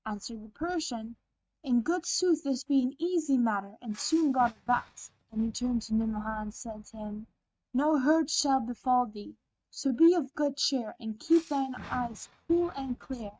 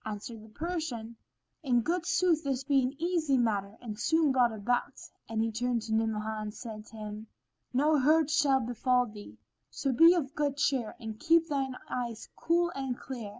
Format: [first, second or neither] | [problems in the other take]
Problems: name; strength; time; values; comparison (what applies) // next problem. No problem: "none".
second | noise reduction (neural mask model RNNoise)